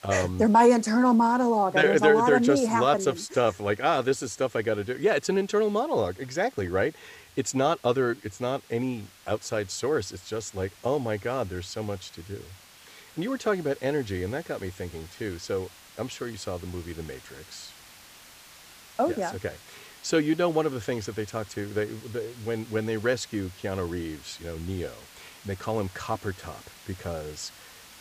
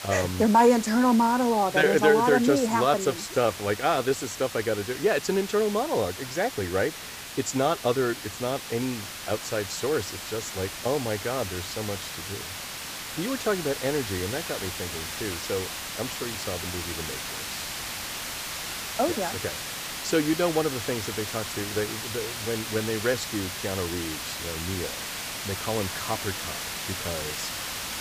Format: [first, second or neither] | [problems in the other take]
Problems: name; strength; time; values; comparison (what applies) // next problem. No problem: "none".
first | hiss; loud; throughout; 6 dB below the speech; faint in the first